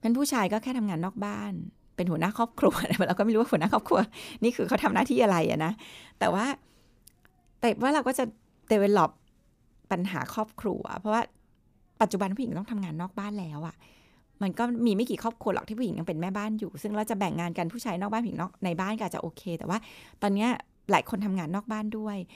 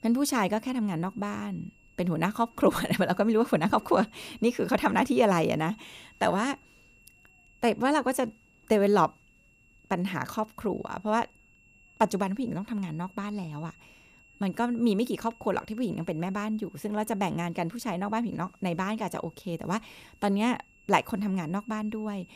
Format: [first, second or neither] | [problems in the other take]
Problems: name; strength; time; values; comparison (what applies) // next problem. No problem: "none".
first | high-pitched whine; faint; throughout; 2.5 kHz, 30 dB below the speech